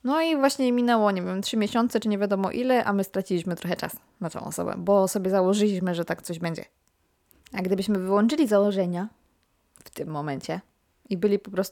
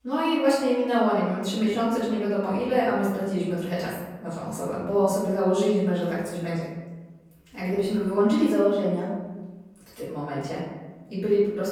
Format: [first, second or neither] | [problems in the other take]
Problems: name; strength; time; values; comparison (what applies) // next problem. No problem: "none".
first | room echo; noticeable; dies away in 1.1 s // off-mic speech; far